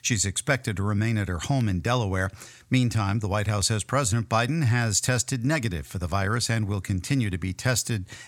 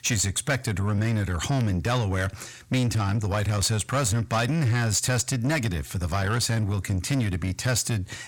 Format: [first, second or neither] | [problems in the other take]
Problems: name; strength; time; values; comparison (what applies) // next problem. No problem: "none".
first | distortion; slight; 10 dB below the speech